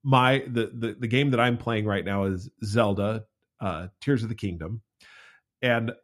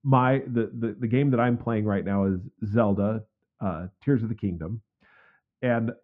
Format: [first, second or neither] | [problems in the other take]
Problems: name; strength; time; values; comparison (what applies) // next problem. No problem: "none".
first | muffled; very; fading above 1.5 kHz